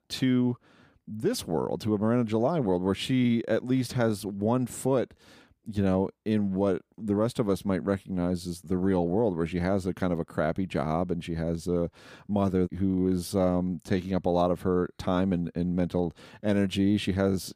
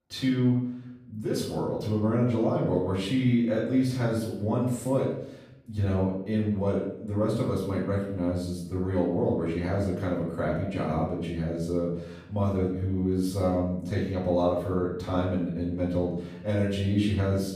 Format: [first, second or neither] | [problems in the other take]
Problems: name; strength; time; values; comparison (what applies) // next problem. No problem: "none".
first | off-mic speech; far // room echo; noticeable; dies away in 0.6 s